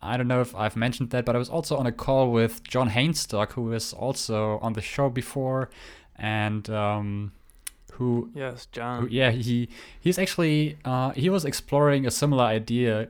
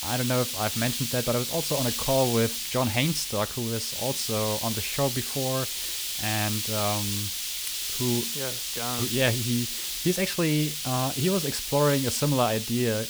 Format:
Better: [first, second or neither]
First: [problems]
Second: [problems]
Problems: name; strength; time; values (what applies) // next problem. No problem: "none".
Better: first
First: none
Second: hiss; loud; throughout; 1 dB below the speech